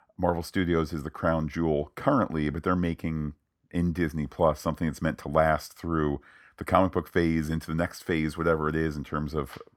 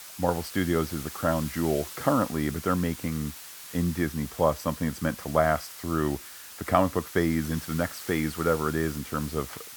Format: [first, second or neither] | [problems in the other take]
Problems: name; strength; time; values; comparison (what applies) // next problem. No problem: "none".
first | hiss; noticeable; throughout; 10 dB below the speech